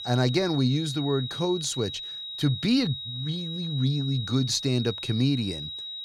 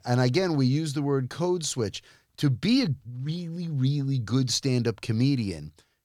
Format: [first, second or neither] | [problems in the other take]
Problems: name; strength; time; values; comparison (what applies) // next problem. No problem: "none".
second | high-pitched whine; loud; throughout; 4 kHz, 7 dB below the speech